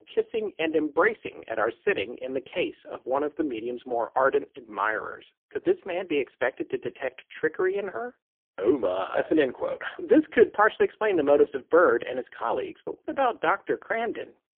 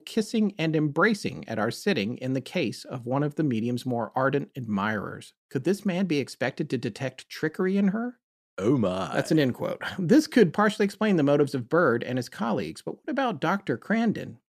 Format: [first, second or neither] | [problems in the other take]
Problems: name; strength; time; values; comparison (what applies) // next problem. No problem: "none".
second | phone-call audio; poor line; nothing above 3 kHz